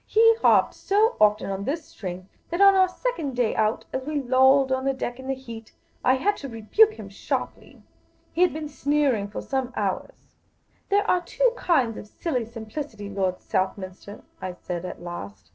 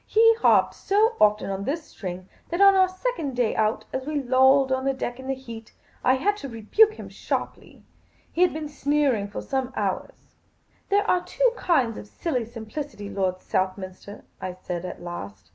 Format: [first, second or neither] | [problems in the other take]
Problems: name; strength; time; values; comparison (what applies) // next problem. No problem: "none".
second | noise reduction (neural separator model SepFormer DNS4)